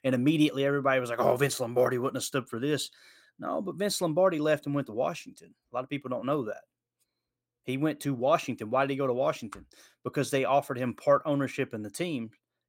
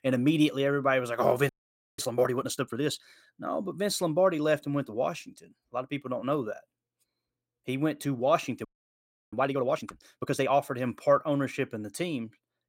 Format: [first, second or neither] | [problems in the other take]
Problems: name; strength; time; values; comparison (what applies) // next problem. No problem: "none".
first | audio freezing; at 1.5 s and at 8.5 s for 0.5 s